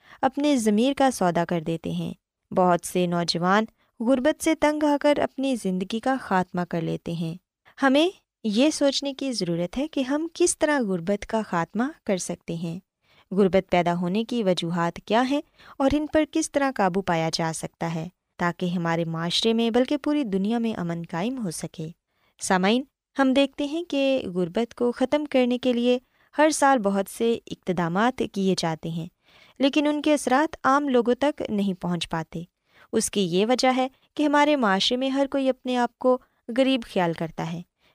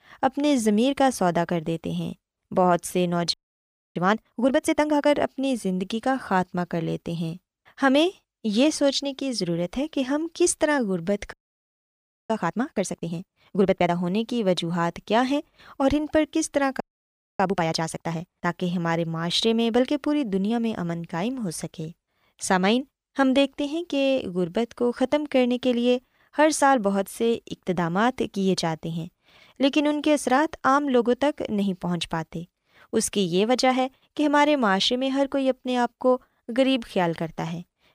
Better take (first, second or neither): first